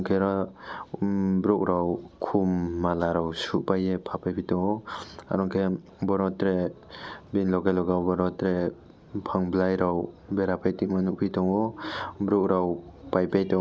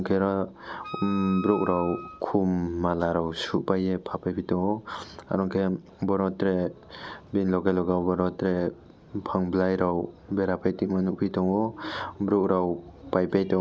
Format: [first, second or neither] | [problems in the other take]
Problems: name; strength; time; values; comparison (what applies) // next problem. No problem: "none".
first | background sound (Wind instrument, woodwind instrument); 13 dB below the speech